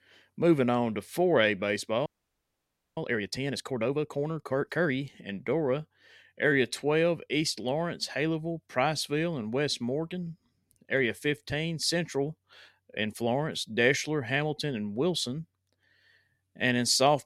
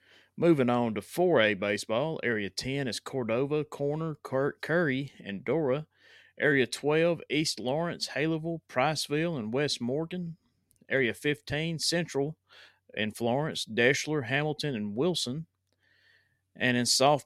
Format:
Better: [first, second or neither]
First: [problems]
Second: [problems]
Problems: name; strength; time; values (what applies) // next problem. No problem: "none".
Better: second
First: audio freezing; at 2 s for 1 s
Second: none